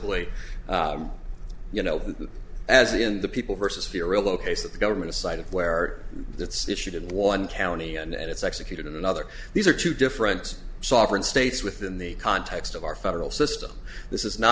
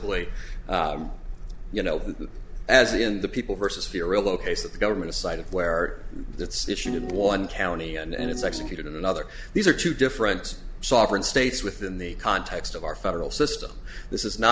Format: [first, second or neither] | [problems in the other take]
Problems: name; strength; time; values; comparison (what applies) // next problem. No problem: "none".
first | background sound (Piano); 6 dB below the speech